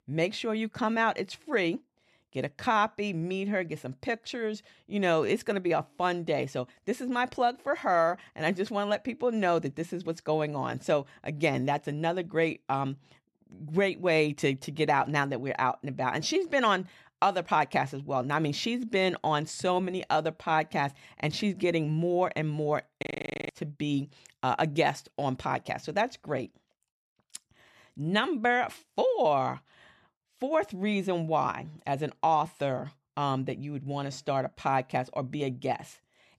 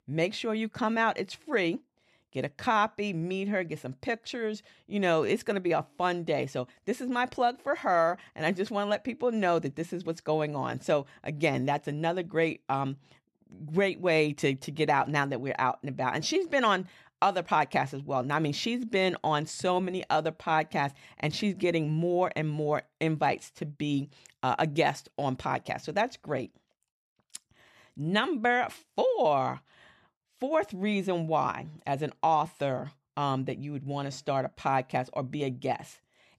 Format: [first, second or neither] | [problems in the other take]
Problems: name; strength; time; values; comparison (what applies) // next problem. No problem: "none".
second | audio freezing; at 23 s